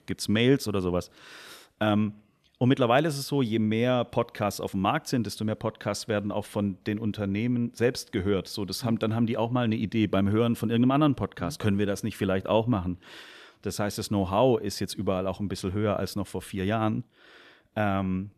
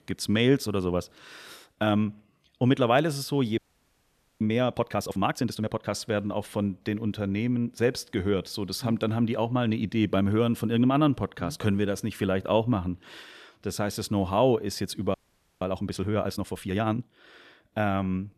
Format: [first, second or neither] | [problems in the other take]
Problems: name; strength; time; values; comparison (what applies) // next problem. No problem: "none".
first | audio freezing; at 3.5 s for 1 s and at 15 s